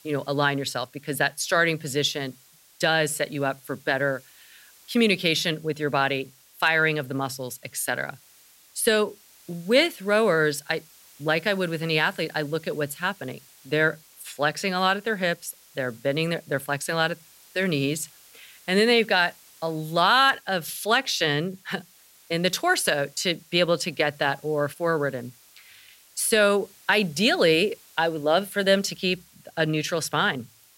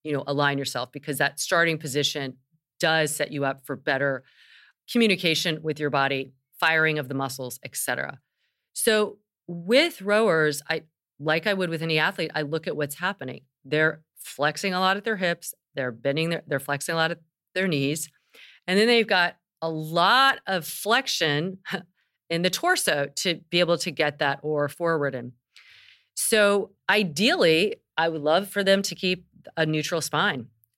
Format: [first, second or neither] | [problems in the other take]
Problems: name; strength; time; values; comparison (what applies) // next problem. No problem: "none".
second | hiss; faint; throughout; 25 dB below the speech